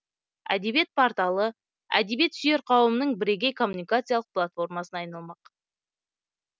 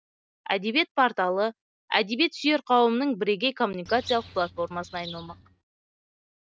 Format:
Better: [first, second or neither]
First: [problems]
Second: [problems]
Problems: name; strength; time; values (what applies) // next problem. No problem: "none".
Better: first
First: none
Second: noise reduction (neural mask model RNNoise)